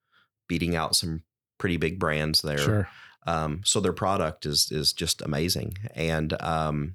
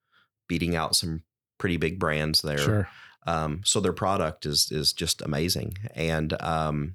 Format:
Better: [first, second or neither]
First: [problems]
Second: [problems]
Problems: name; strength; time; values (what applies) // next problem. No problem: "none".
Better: neither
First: none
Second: none